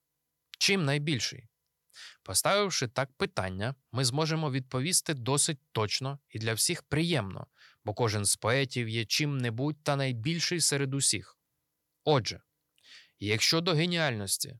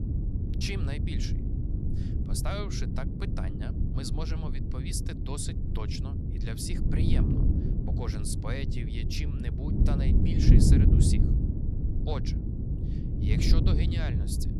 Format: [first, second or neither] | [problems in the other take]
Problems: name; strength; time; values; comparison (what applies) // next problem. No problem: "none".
first | wind noise on the microphone; heavy; as loud as the speech